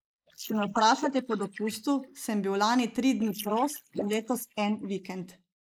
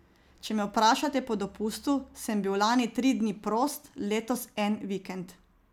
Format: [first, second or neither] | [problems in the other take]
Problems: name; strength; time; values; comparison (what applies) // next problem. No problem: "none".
second | noise reduction (neural mask model Resemble Enhance denoiser)